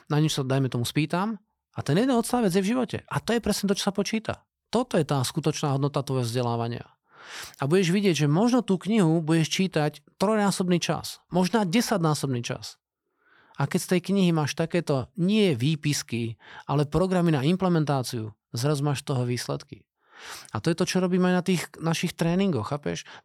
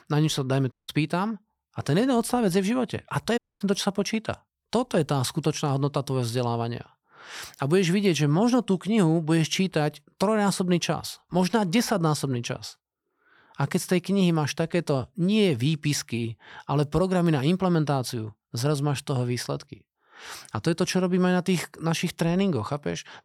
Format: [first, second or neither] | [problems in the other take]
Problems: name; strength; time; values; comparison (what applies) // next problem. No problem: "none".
first | audio cutting out; at 0.5 s and at 3.5 s